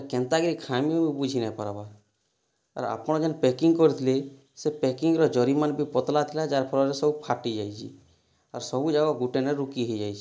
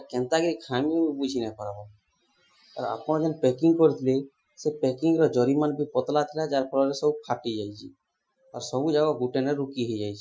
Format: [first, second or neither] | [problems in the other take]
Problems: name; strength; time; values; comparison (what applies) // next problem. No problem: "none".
first | noise reduction (classical method Wiener filter)